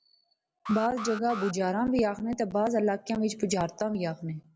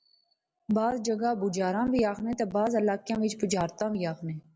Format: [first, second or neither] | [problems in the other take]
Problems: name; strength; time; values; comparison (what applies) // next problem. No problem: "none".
second | background sound (Alarm); 12 dB below the speech